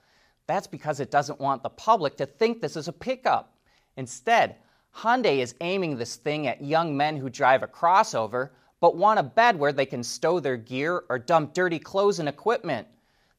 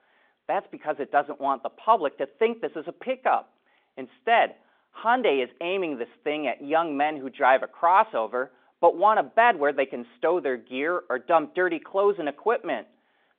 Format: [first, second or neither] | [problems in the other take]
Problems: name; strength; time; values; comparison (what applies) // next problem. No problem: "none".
first | phone-call audio; nothing above 3.5 kHz